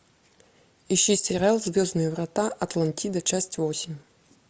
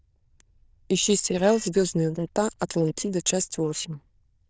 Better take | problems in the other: first | noise reduction (neural diffusion model UNIVERSE++)

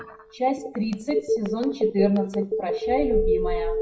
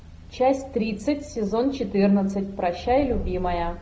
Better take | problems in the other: second | noise reduction (classical method WPE with log-MMSE)

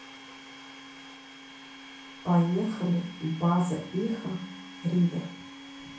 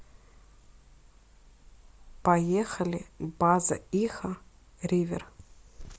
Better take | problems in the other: second | background sound (Domestic sounds, home sounds); 15 dB below the speech // room echo; dies away in 0.5 s

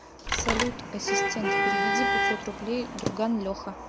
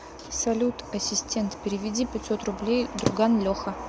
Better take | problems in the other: second | background sound (Traffic noise, roadway noise / Vehicle horn, car horn, honking + Telephone); 3 dB above the speech

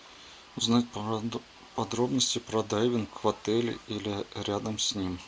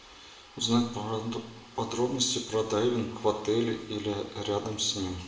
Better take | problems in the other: first | room echo; dies away in 0.8 s

